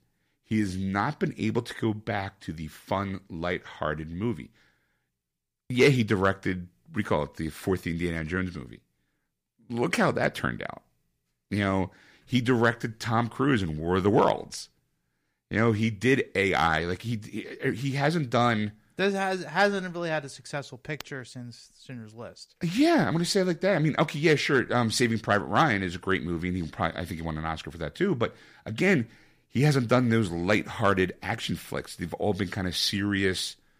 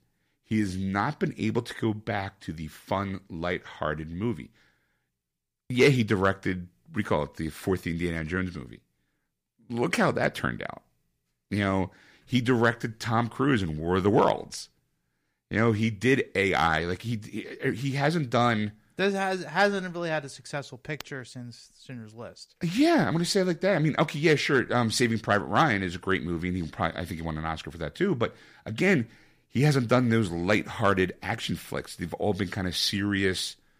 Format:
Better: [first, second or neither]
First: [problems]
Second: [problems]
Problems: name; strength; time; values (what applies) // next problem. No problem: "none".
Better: neither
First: none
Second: none